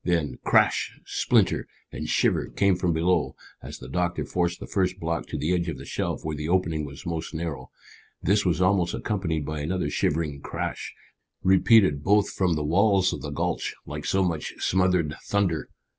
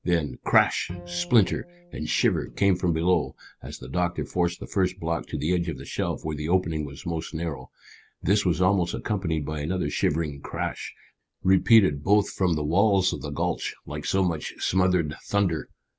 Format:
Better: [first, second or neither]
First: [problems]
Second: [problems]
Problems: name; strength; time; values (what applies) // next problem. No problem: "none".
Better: first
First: none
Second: background sound (Bowed string instrument); 18 dB below the speech